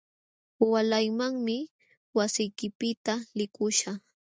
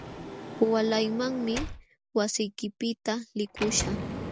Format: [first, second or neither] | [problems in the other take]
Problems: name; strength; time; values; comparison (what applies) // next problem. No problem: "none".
first | background sound (Sliding door); 9 dB below the speech